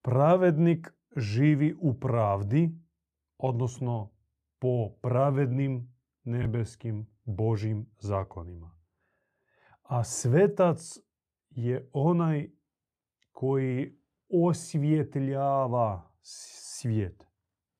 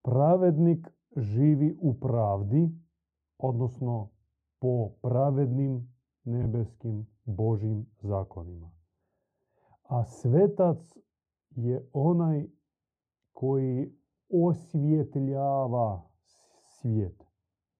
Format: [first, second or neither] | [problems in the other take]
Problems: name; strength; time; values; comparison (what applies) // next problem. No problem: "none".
first | muffled; very; fading above 1 kHz